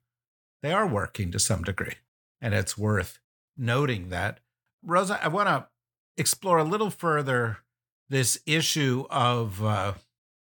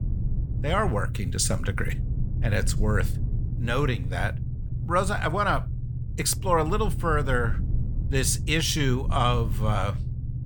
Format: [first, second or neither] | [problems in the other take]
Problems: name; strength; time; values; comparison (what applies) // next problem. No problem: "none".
first | low rumble; noticeable; throughout; 15 dB below the speech